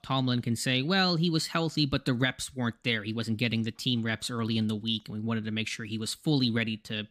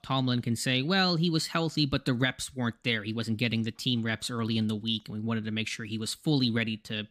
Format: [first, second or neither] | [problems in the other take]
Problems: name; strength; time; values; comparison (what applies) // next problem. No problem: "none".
neither | none